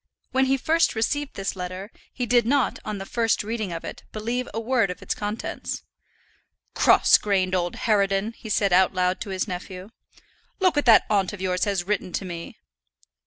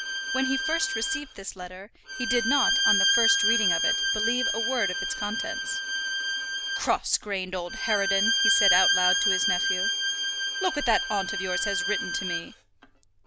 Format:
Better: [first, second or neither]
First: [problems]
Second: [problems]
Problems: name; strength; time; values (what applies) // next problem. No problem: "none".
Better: first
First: none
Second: background sound (Bowed string instrument); 4 dB above the speech